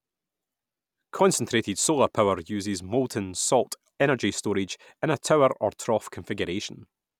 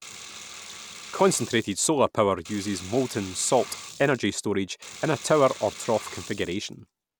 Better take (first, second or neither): first